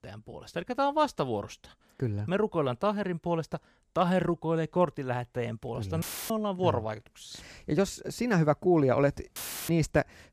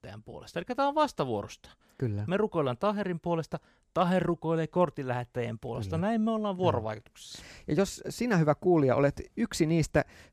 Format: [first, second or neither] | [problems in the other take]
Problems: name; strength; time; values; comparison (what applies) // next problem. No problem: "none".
second | audio cutting out; filled with static; at 6 s and at 9.5 s